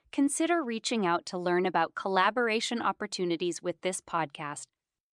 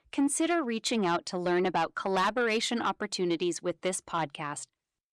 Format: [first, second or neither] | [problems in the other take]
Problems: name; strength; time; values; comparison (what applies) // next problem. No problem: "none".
first | distortion; slight; 10 dB below the speech